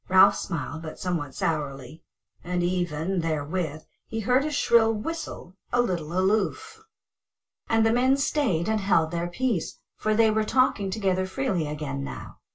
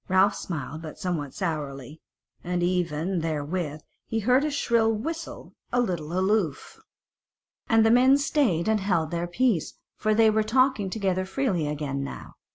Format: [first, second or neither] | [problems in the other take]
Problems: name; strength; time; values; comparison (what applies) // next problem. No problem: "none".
second | room echo; dies away in 0.2 s